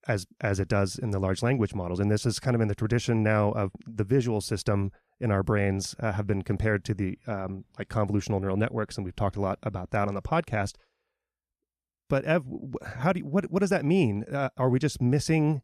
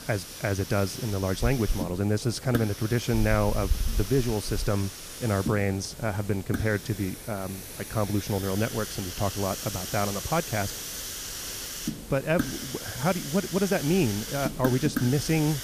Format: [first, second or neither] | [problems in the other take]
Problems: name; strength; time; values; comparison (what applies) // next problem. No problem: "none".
first | hiss; loud; throughout; 6 dB below the speech